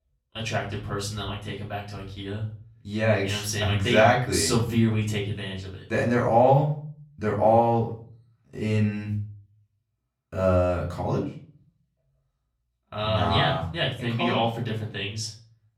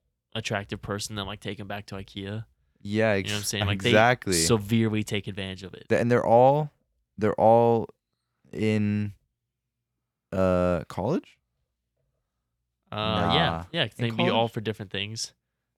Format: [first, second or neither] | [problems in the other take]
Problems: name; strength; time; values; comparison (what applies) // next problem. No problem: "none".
second | off-mic speech; far // room echo; slight; dies away in 0.4 s